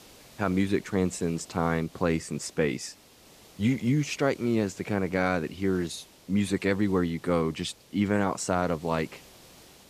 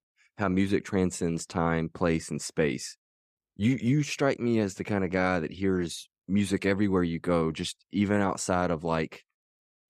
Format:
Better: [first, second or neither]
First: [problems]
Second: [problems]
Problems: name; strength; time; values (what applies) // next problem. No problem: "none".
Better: second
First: hiss; faint; throughout; 25 dB below the speech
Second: none